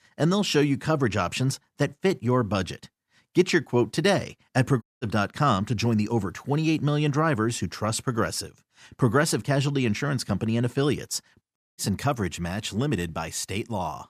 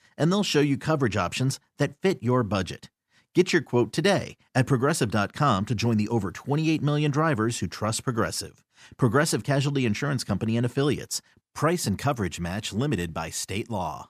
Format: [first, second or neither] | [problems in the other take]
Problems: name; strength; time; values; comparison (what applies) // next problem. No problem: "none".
second | audio cutting out; at 5 s and at 12 s